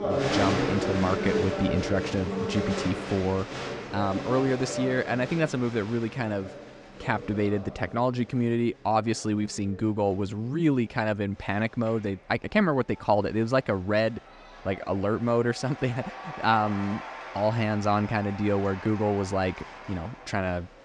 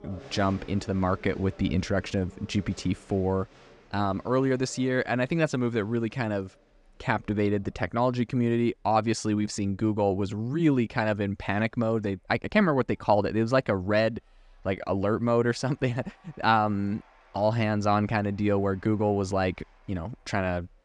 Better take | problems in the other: second | crowd noise; loud; throughout; 6 dB below the speech; faint in the second

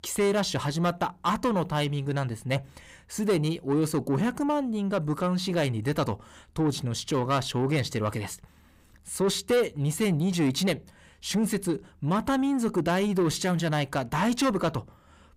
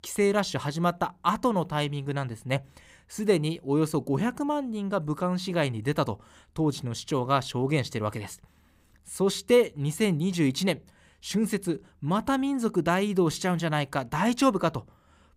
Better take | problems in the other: second | distortion; slight; 10 dB below the speech

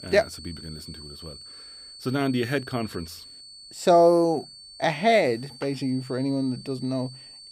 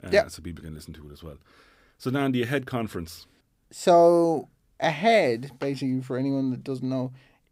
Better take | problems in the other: second | high-pitched whine; noticeable; throughout; 4.5 kHz, 20 dB below the speech

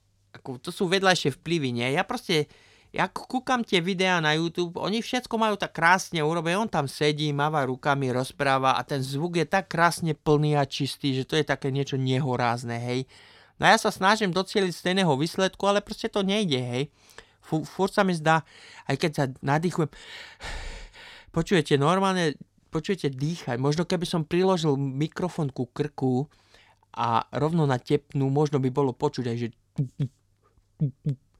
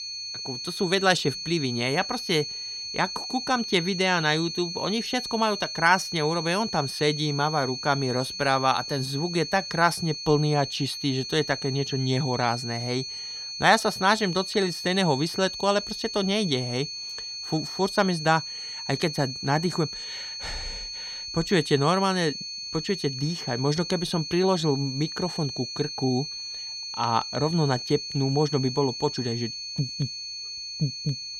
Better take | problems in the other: first | high-pitched whine; loud; throughout; 4.5 kHz, 7 dB below the speech

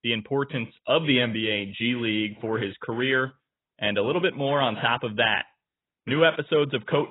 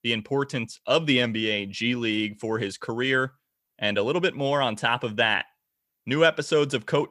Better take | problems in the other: second | garbled, watery; badly; nothing above 3.5 kHz

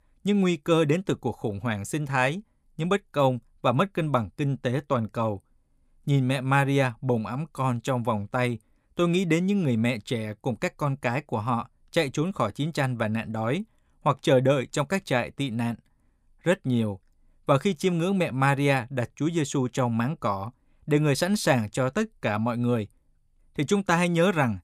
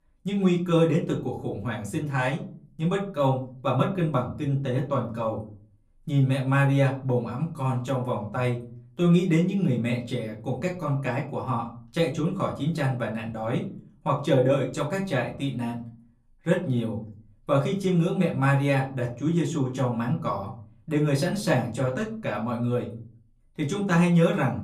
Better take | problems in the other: first | off-mic speech; far // room echo; very slight; dies away in 0.4 s

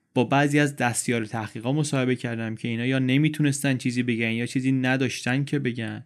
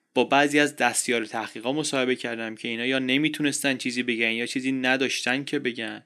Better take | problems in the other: first | thin; very slightly; fading below 350 Hz

